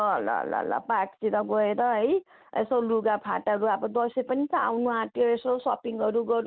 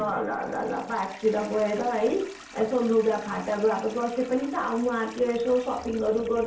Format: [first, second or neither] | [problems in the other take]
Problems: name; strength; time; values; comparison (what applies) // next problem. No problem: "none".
first | background sound (Toilet flush); 19 dB below the speech // room echo; dies away in 0.4 s